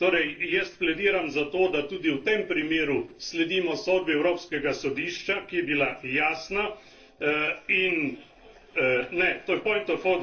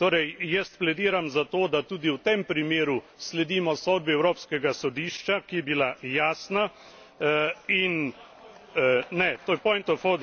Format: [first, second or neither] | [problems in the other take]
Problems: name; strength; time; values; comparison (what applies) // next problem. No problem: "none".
second | noise reduction (neural separator model SepFormer DNS4)